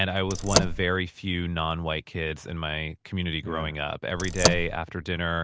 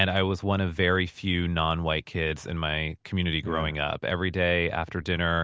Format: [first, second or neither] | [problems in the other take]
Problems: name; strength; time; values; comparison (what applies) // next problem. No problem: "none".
second | background sound (Car); 3 dB above the speech